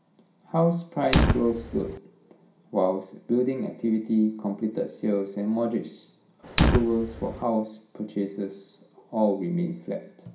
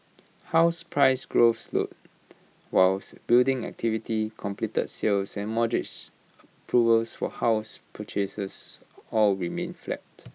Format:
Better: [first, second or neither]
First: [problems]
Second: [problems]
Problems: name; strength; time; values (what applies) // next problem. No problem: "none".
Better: second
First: background sound (Fire); 4 dB below the speech // room echo; dies away in 0.5 s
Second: none